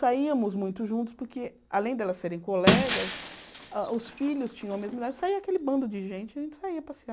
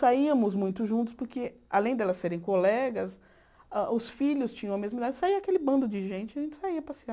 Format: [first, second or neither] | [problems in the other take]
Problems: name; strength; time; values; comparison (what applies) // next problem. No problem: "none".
second | background sound (Shatter); 2 dB below the speech